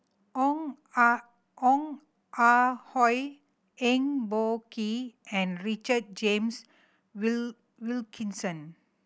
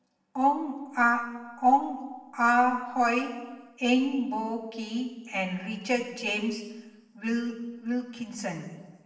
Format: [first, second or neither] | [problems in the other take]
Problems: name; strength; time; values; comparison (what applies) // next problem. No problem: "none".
first | room echo; dies away in 1.2 s